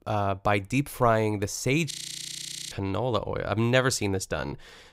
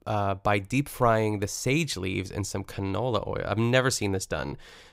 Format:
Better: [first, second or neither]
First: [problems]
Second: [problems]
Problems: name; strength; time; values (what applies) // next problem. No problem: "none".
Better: second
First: audio freezing; at 2 s for 1 s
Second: none